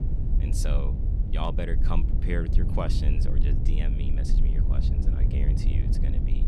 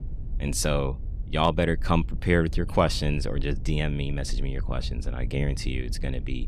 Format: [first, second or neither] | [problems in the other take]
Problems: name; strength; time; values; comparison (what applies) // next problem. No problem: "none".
second | low rumble; loud; throughout; 4 dB below the speech; faint in the second